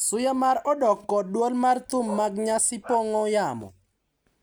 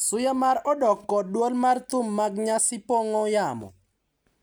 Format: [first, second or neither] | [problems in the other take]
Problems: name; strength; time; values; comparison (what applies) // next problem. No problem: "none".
second | background sound (Bark); 16 dB below the speech